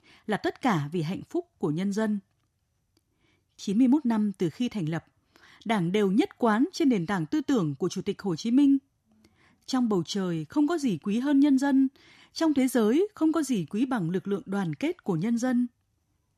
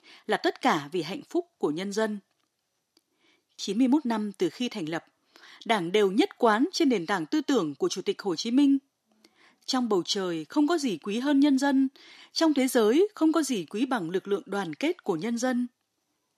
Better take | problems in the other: first | thin; very slightly; fading below 350 Hz

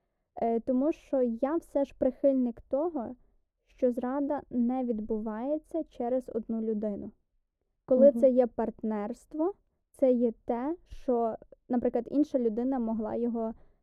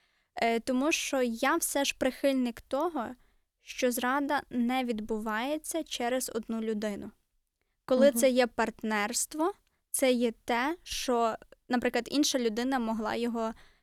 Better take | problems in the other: second | muffled; very; fading above 1.5 kHz

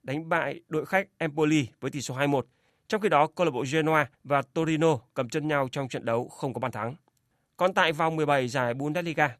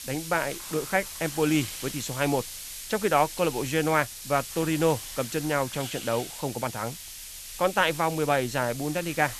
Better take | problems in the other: first | hiss; loud; throughout; 9 dB below the speech

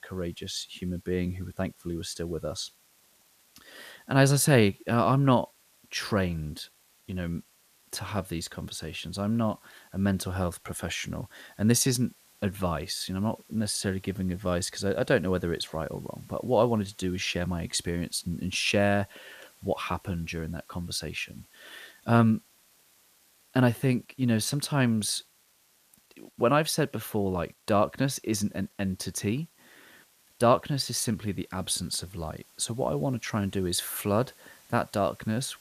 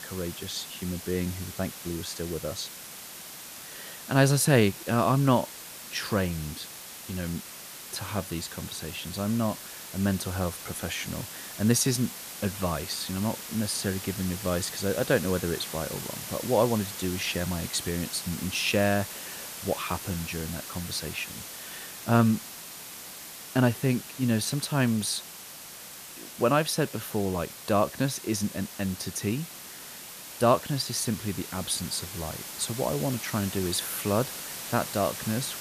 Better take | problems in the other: first | hiss; loud; throughout; 9 dB below the speech; faint in the first

